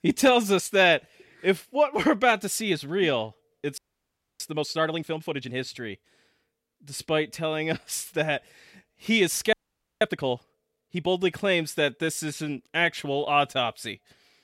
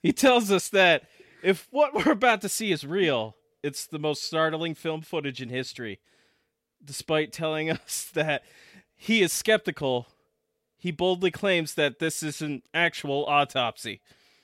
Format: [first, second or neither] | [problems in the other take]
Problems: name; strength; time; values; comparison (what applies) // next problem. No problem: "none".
second | audio freezing; at 4 s for 0.5 s and at 9.5 s